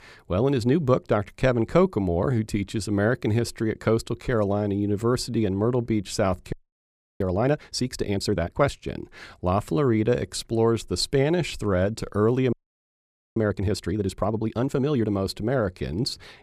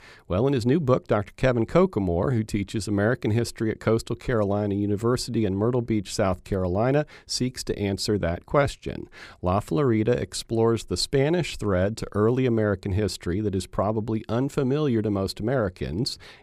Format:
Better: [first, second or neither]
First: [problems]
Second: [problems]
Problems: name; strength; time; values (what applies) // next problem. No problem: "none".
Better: second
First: audio freezing; at 6.5 s for 0.5 s and at 13 s for 1 s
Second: none